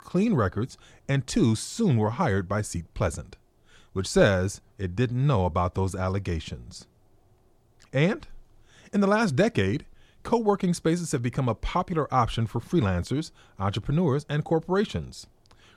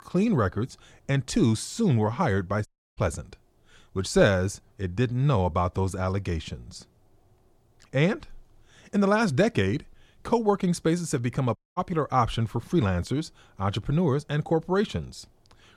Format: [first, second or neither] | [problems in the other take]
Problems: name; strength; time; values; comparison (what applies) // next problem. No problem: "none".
first | audio cutting out; at 2.5 s and at 12 s